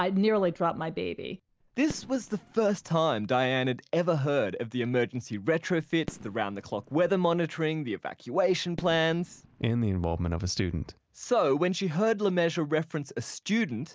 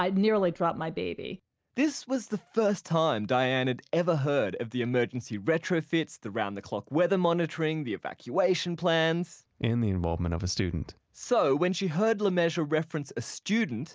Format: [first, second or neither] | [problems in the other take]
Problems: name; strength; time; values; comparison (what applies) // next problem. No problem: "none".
second | background sound (Fireworks); 19 dB below the speech